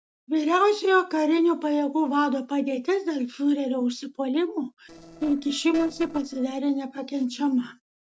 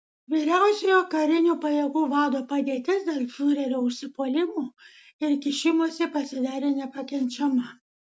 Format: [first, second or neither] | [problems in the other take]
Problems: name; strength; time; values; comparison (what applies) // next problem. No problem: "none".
second | noise reduction (neural separator model SepFormer DNS4)